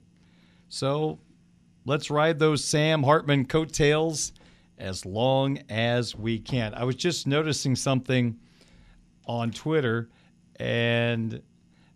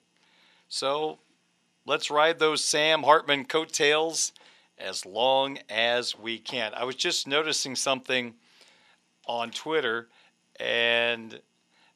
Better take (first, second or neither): first